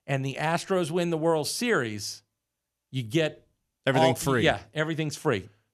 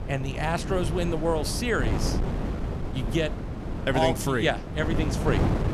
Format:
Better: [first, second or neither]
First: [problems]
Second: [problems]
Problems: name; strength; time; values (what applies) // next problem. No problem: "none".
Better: first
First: none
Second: wind noise on the microphone; heavy; 8 dB below the speech